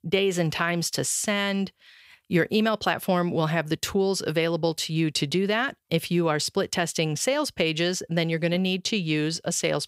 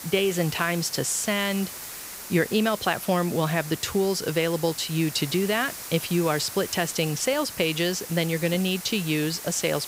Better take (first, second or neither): first